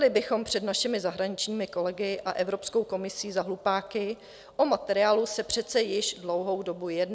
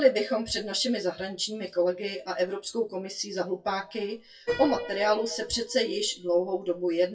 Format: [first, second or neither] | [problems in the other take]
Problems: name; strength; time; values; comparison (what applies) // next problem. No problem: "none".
first | noise reduction (classical method WPE with log-MMSE)